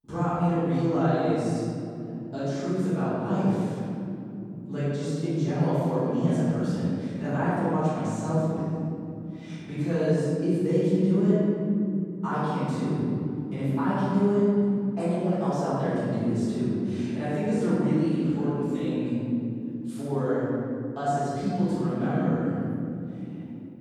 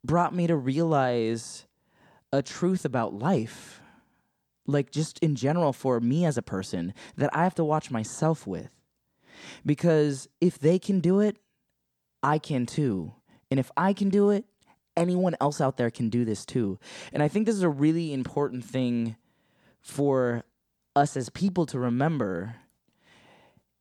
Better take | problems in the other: second | off-mic speech; far // room echo; strong; dies away in 3 s

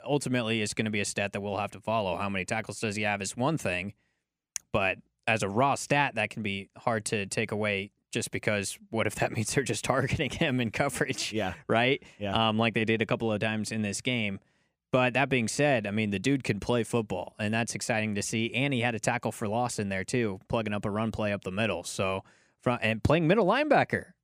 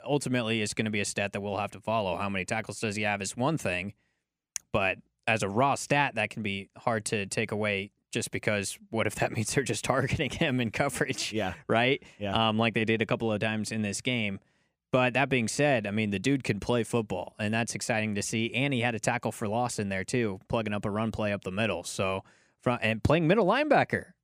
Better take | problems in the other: neither | none

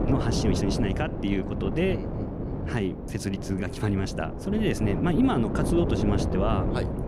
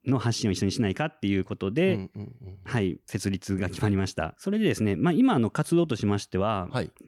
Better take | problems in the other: second | wind noise on the microphone; heavy; 4 dB below the speech

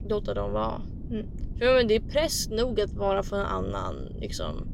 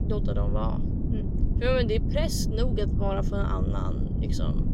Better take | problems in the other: first | low rumble; loud; throughout; 7 dB below the speech; faint in the first

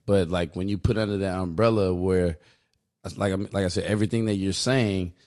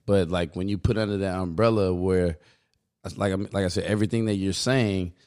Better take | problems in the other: second | garbled, watery; slightly; nothing above 10.5 kHz

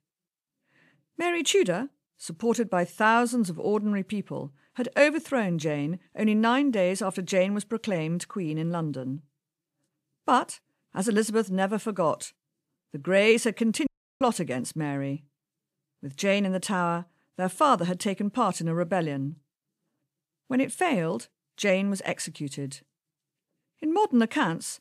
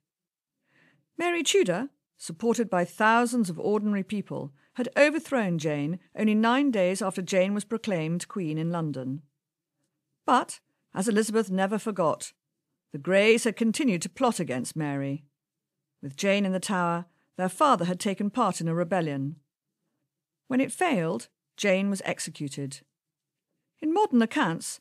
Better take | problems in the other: second | audio cutting out; at 14 s

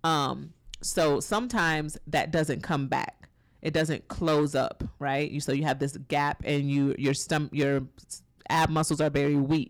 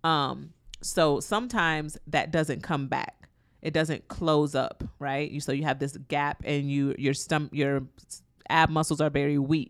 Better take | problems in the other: second | distortion; slight; 6% of the sound clipped

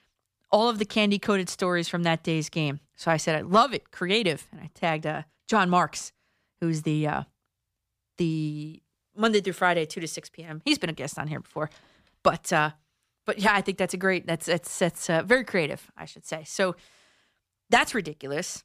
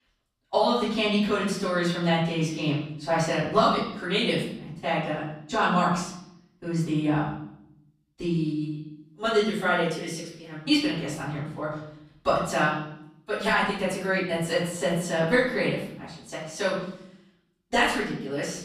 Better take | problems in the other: first | room echo; noticeable; dies away in 0.7 s // off-mic speech; far

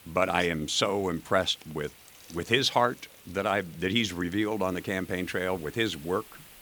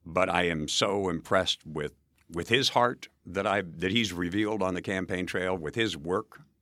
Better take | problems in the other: second | hiss; faint; throughout; 20 dB below the speech

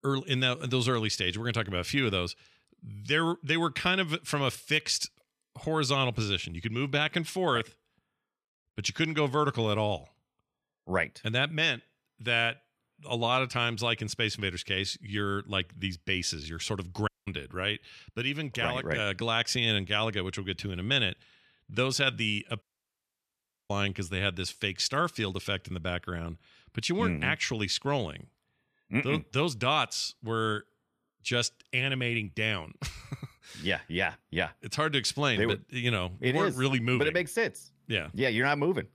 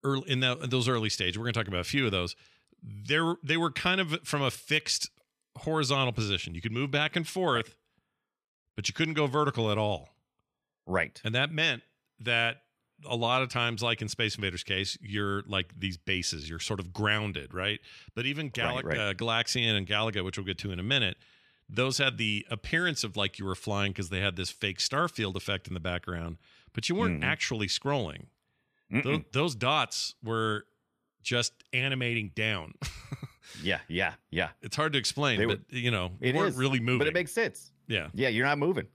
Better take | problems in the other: second | audio cutting out; at 17 s and at 23 s for 1 s

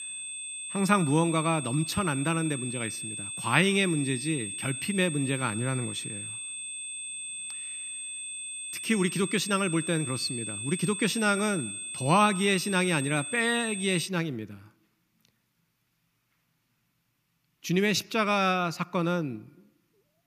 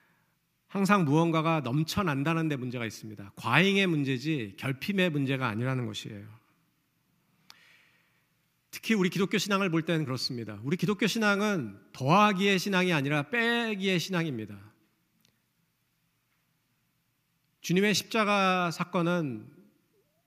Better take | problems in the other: second | high-pitched whine; loud; until 14 s; 8.5 kHz, 7 dB below the speech

